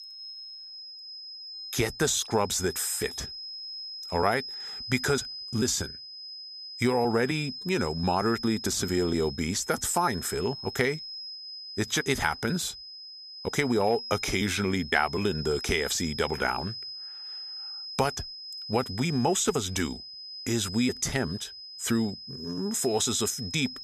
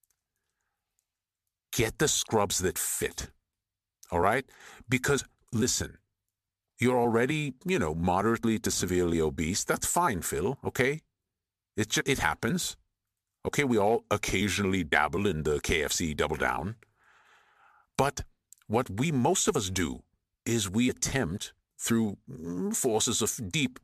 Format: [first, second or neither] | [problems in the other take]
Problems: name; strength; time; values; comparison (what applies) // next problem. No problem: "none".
second | high-pitched whine; loud; throughout; 5 kHz, 10 dB below the speech